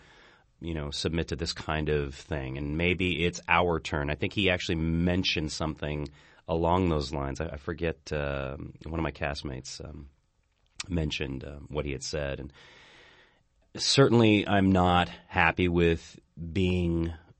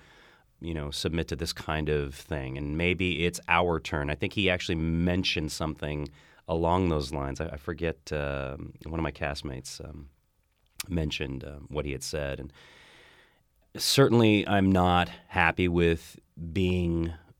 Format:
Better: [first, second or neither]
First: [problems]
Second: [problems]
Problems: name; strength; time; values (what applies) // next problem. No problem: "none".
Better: second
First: garbled, watery; slightly; nothing above 8 kHz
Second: none